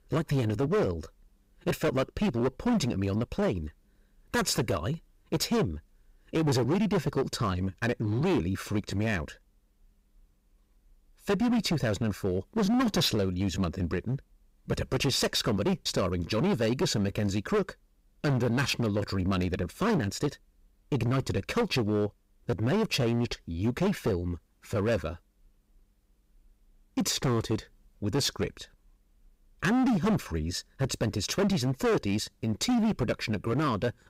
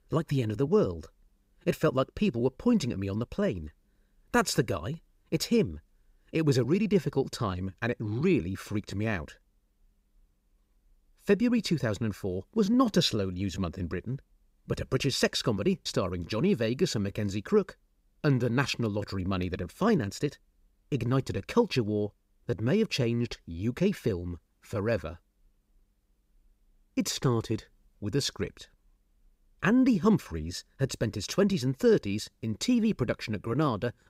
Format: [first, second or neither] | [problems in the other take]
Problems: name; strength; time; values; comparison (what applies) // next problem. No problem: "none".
second | distortion; heavy; 12% of the sound clipped